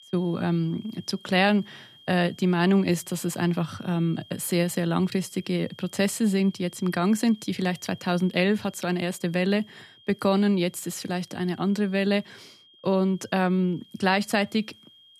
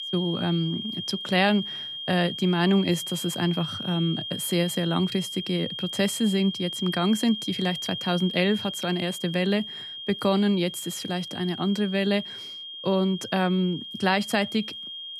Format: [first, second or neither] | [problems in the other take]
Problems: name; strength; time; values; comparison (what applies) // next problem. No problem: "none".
first | high-pitched whine; loud; throughout; 3 kHz, 7 dB below the speech; faint in the first